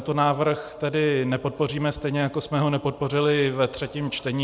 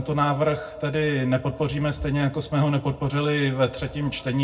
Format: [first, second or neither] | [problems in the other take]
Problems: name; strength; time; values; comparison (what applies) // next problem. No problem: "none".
first | room echo; dies away in 0.3 s